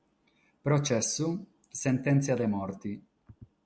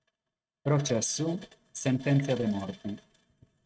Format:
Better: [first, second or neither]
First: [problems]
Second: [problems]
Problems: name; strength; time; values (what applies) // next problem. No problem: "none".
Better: first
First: none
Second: noise reduction (neural mask model RNNoise)